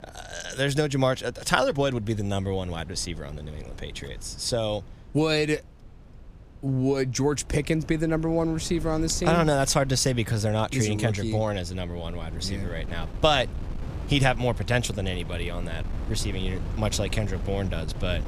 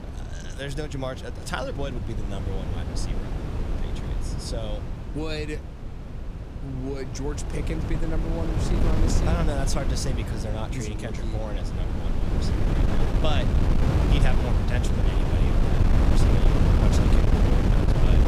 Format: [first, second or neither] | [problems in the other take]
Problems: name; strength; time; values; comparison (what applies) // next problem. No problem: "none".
first | wind noise on the microphone; heavy; 1 dB above the speech; occasional gusts in the first